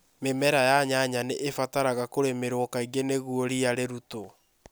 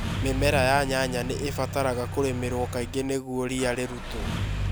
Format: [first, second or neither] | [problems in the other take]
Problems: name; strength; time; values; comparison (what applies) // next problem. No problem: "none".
first | background sound (Engine starting); 4 dB below the speech